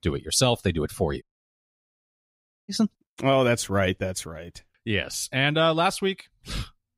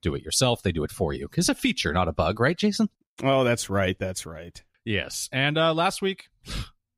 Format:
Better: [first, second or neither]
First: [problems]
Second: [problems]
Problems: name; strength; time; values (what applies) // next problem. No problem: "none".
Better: second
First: audio cutting out; at 1 s for 1.5 s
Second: none